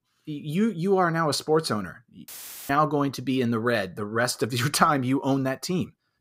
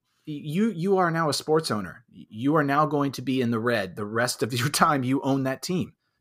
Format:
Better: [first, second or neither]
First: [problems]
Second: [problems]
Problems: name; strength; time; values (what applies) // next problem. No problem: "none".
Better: second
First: audio cutting out; filled with static; at 2.5 s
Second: none